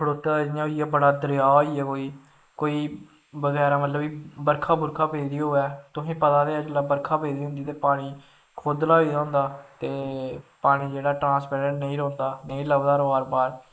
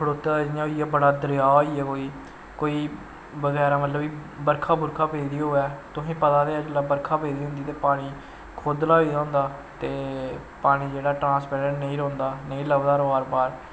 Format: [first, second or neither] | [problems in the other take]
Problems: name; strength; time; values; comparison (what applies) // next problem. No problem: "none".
second | noise reduction (neural mask model Resemble Enhance denoiser)